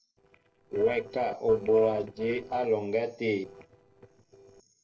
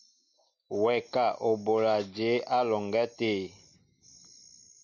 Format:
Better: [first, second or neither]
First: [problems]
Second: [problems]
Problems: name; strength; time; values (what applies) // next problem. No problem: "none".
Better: second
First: noise reduction (neural separator model SepFormer DNS4)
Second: none